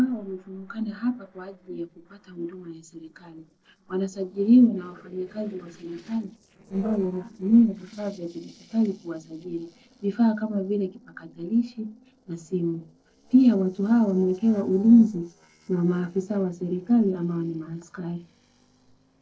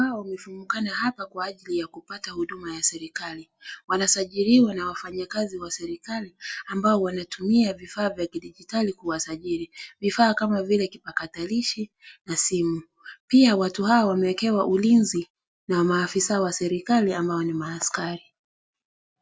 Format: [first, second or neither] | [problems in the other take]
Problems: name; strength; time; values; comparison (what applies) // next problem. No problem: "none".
second | noise reduction (neural separator model SepFormer DNS4)